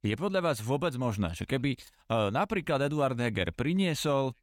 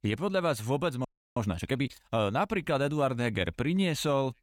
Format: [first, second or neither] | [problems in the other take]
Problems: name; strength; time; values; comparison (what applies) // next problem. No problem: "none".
first | audio freezing; at 1 s